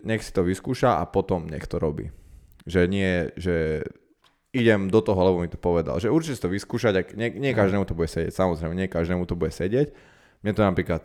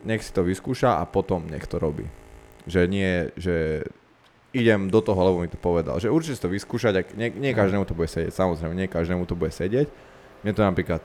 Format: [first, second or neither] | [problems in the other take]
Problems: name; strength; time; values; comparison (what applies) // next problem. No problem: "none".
first | train or aircraft noise; faint; throughout; 25 dB below the speech